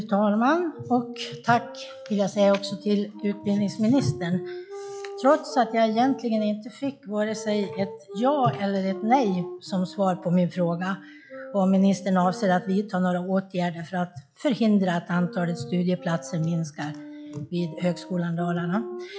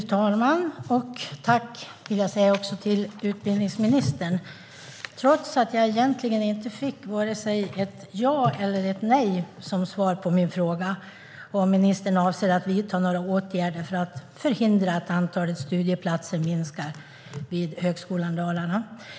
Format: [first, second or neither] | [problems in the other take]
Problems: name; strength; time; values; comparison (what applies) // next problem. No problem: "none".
second | noise reduction (classical method log-MMSE)